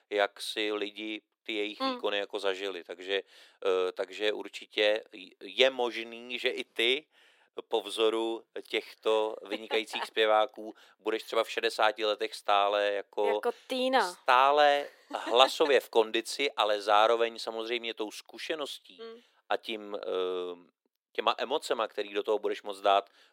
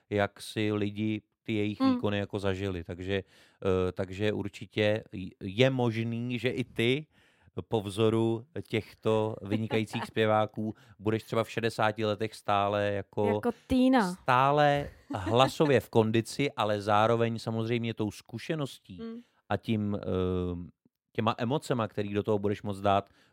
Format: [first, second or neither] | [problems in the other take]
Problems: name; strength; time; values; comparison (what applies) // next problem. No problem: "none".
second | thin; very; fading below 400 Hz